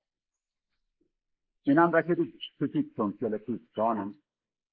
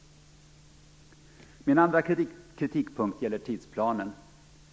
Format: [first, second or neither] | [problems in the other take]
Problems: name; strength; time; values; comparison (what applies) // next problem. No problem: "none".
second | noise reduction (neural mask model Resemble Enhance denoiser)